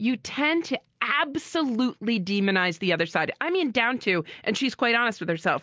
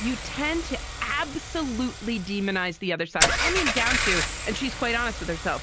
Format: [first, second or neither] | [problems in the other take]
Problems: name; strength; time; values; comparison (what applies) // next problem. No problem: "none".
first | background sound (Engine / Car); 1 dB below the speech